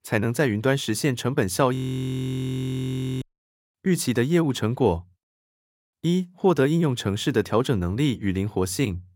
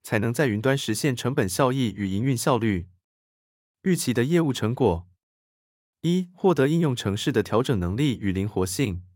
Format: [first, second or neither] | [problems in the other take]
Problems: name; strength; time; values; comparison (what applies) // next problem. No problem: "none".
second | audio freezing; at 2 s for 1.5 s